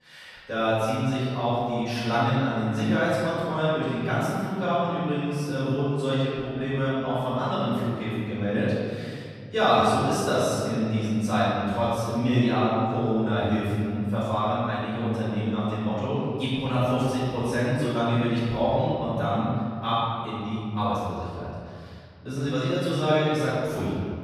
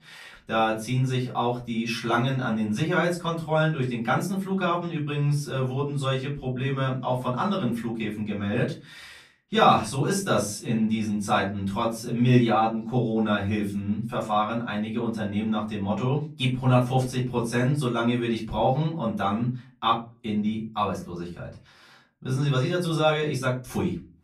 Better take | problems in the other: second | room echo; strong; dies away in 2.2 s; slight in the second // off-mic speech; far; far in the second

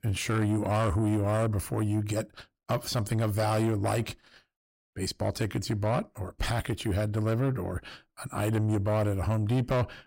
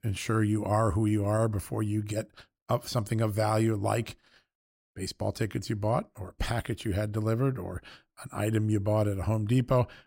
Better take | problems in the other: second | distortion; slight; 10 dB below the speech

